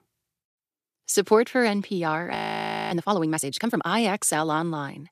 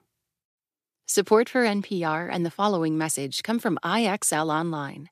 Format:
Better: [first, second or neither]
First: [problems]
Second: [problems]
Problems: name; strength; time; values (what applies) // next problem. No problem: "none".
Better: second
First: audio freezing; at 2.5 s for 0.5 s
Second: none